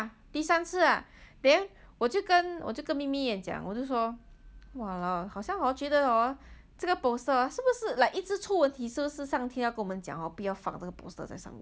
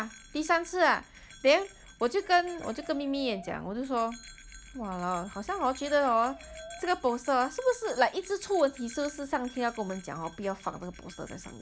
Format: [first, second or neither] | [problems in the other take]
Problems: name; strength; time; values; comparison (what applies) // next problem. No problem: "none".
first | background sound (Chicken, rooster + Bell); 20 dB below the speech